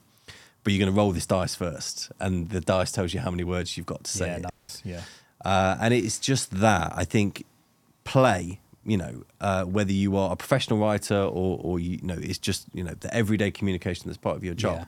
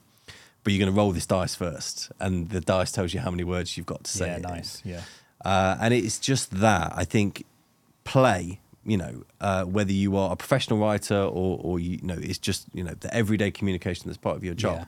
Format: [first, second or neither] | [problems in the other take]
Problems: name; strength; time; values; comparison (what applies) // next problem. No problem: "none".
second | audio cutting out; at 4.5 s